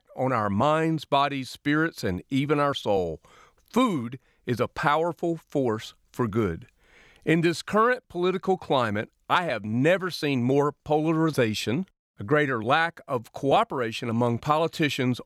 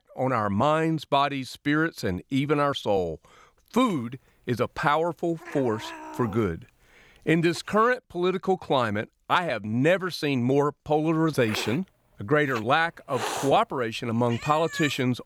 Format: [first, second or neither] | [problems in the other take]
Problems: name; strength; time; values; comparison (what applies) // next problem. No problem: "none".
first | hiss; noticeable; from 4 to 8 s and from 11 s on; 10 dB below the speech